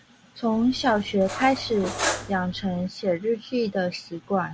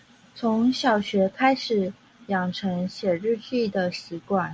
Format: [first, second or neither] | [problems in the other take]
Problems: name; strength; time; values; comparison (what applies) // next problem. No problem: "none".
second | background sound (Cutlery, silverware); 8 dB below the speech